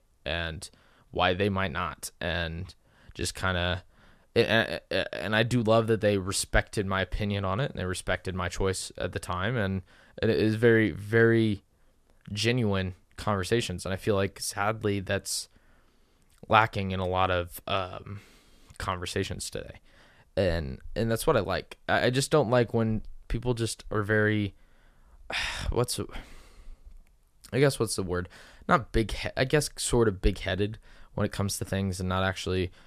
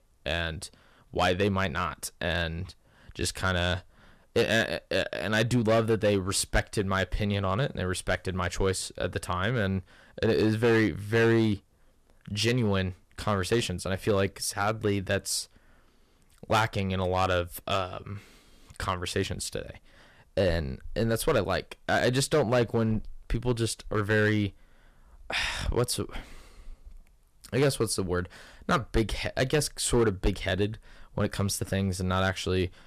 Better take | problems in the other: first | distortion; slight; 3% of the sound clipped

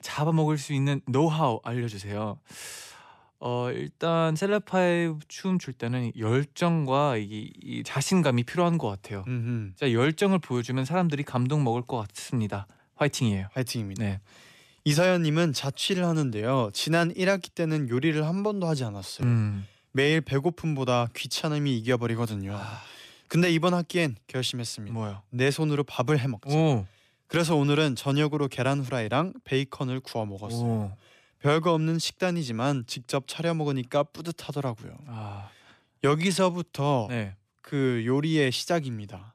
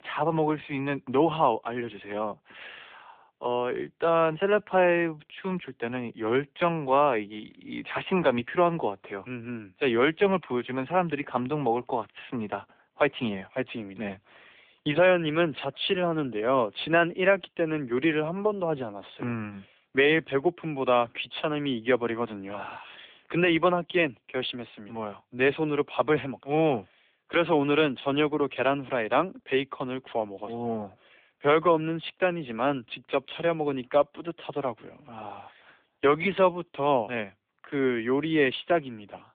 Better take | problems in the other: first | phone-call audio

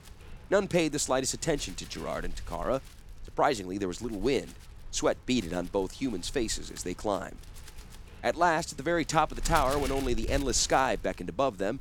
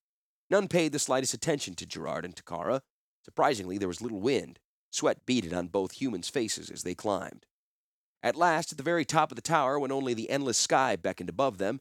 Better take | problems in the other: second | wind noise on the microphone; occasional gusts; 20 dB below the speech

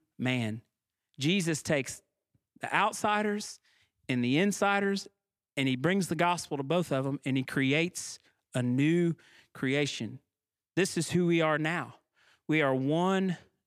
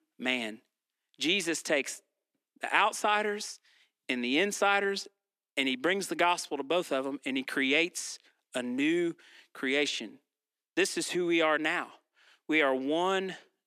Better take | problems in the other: first | thin; very slightly; fading below 250 Hz

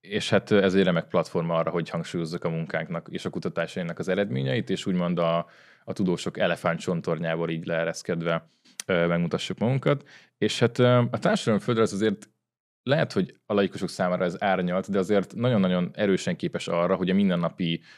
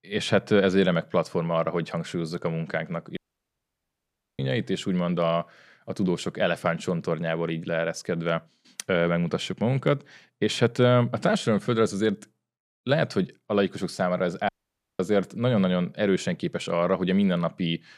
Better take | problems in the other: first | audio cutting out; at 3 s for 1 s and at 14 s for 0.5 s

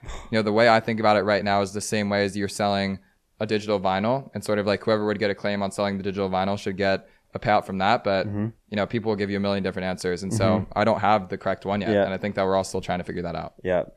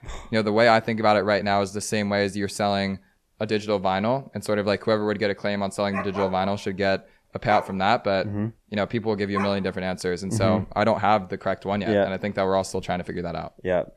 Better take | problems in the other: first | dog barking; noticeable; from 6 to 9.5 s; peak 6 dB below the speech

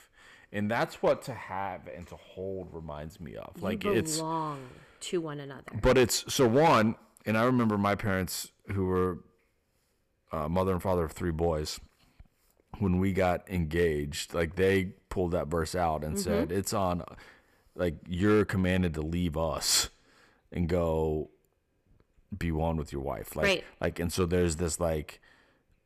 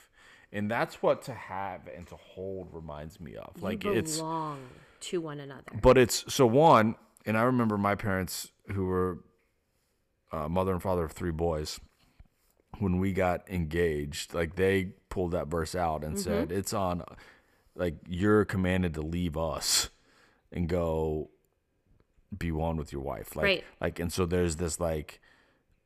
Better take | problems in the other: second | distortion; slight; 1.5% of the sound clipped

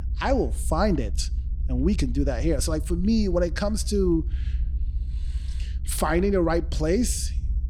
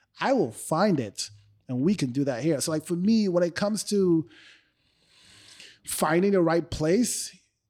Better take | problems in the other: second | low rumble; faint; throughout; 25 dB below the speech

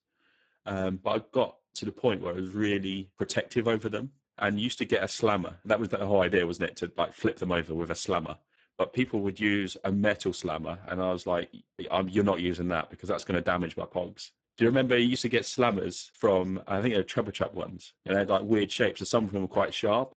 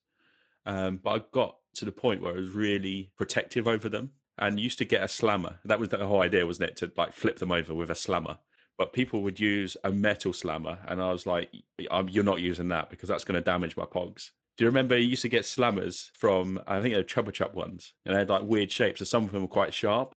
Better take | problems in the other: second | garbled, watery; badly; nothing above 8 kHz; slightly in the second

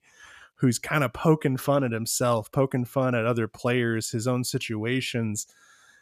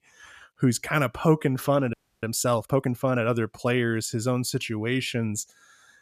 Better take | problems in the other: first | audio freezing; at 2 s

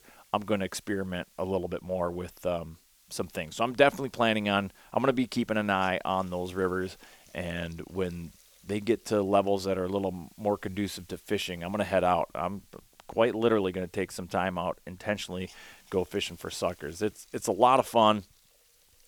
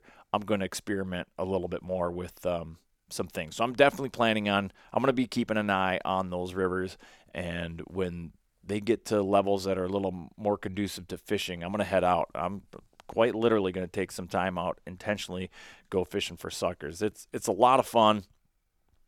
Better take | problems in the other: second | hiss; faint; throughout; 30 dB below the speech

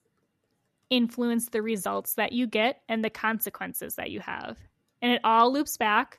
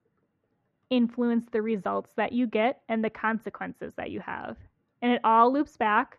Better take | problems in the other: first | muffled; very; fading above 2 kHz

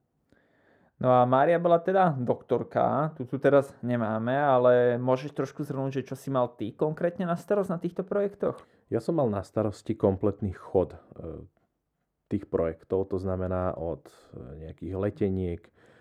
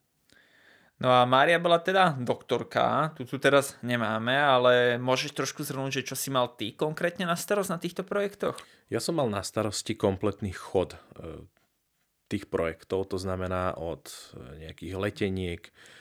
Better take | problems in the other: second | muffled; very; fading above 1.5 kHz

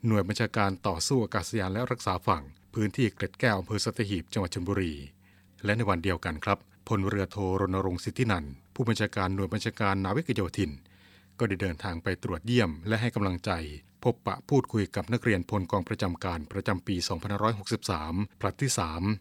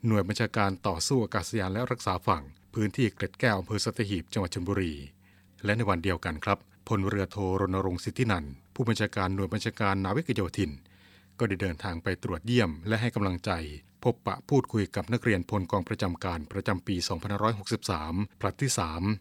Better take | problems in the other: neither | none

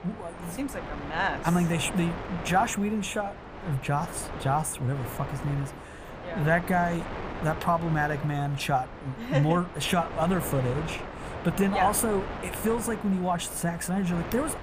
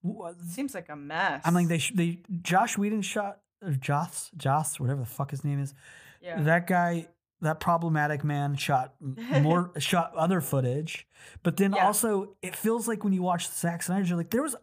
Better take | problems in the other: second | wind noise on the microphone; heavy; 9 dB below the speech

